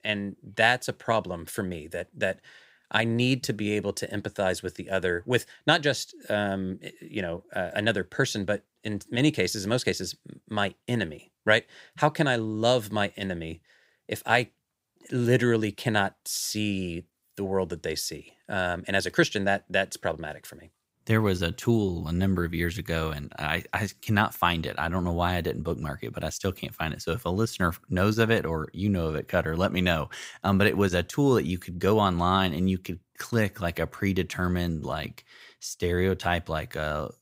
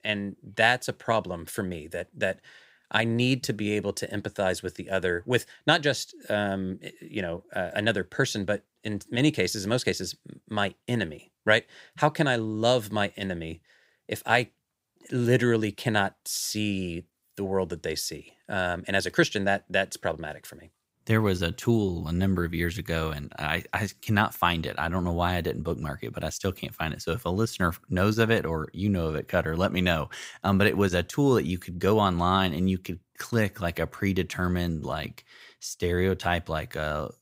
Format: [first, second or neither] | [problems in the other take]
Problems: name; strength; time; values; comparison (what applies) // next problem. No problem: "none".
neither | none